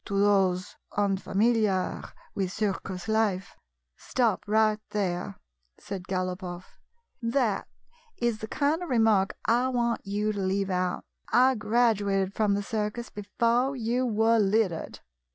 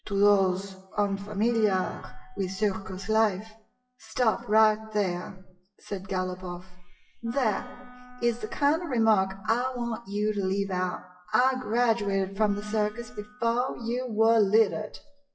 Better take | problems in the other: first | noise reduction (classical method WPE with log-MMSE)

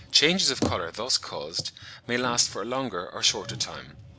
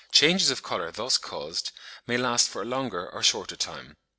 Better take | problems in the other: second | background sound (Bicycle); 11 dB below the speech

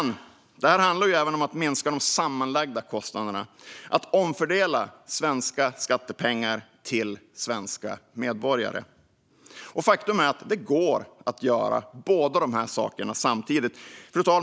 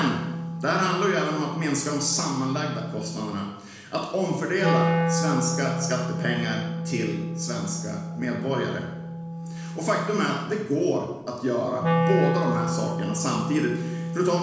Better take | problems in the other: first | background sound (Wind instrument, woodwind instrument); 2 dB below the speech // room echo; dies away in 1.1 s

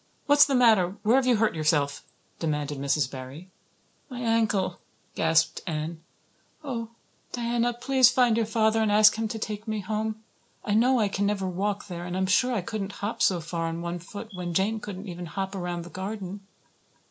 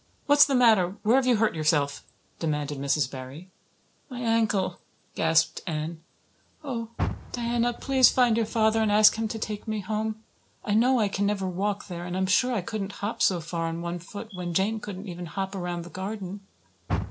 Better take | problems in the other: first | background sound (Car); 15 dB below the speech

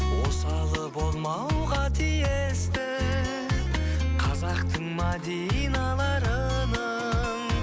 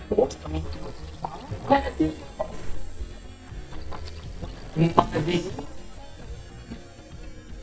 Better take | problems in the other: first | noise reduction (neural mask model DeepFilterNet 3)

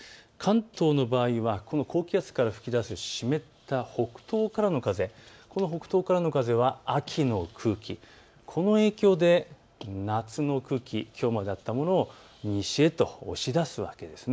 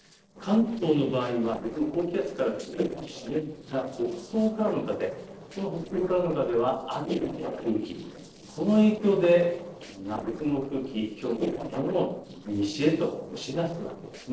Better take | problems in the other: first | noise reduction (neural separator model SepFormer DNS4)

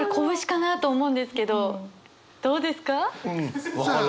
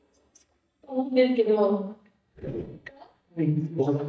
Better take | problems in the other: first | noise reduction (neural mask model DeepFilterNet 3)

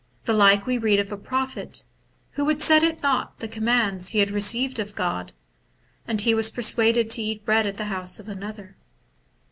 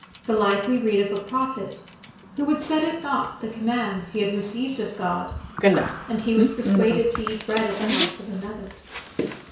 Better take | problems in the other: first | background sound (Bicycle); 3 dB below the speech // room echo; dies away in 0.6 s

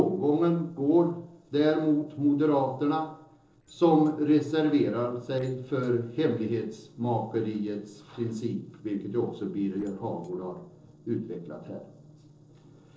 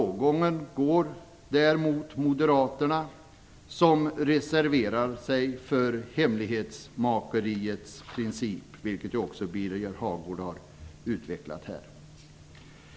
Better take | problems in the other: second | noise reduction (neural separator model SepFormer DNS4)

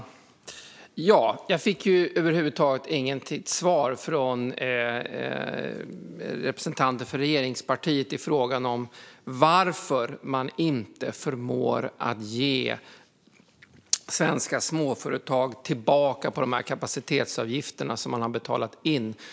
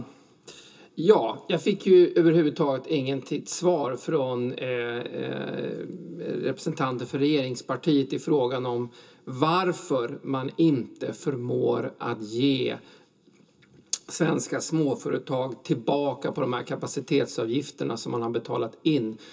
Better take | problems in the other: first | room echo; dies away in 0.2 s

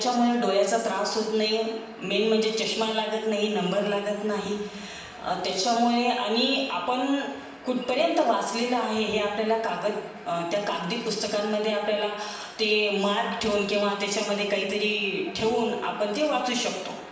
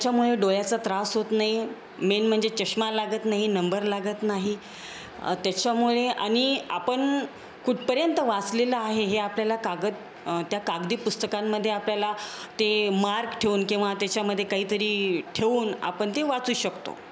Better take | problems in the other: second | room echo; dies away in 1 s

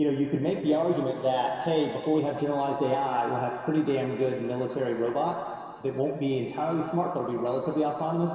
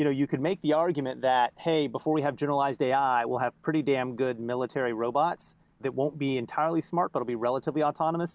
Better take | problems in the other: second | room echo; dies away in 2.2 s

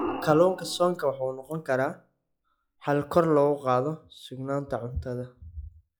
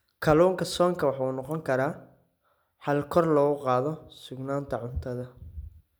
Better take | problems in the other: second | noise reduction (classical method log-MMSE)

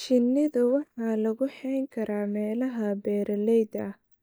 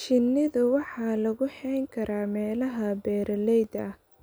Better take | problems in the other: second | noise reduction (neural mask model DeepFilterNet 3)

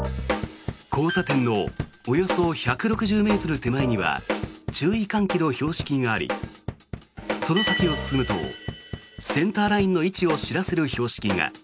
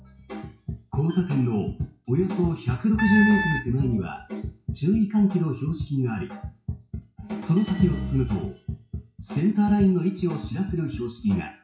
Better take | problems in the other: first | noise reduction (classical method WPE with log-MMSE)

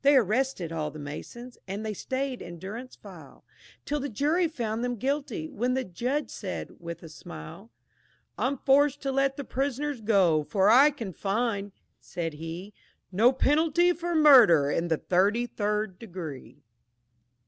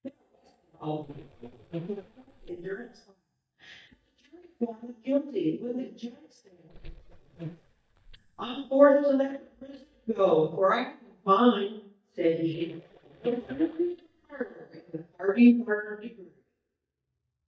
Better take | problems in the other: first | noise reduction (neural mask model DeepFilterNet 3)

